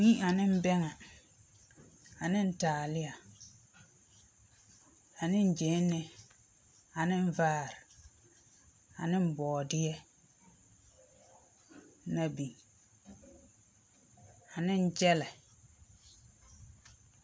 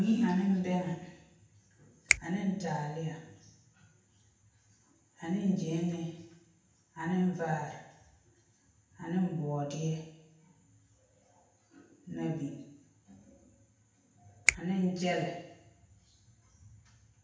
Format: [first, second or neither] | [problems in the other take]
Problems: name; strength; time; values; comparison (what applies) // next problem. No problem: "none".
first | background sound (Finger snapping); 1 dB below the speech // room echo; dies away in 0.8 s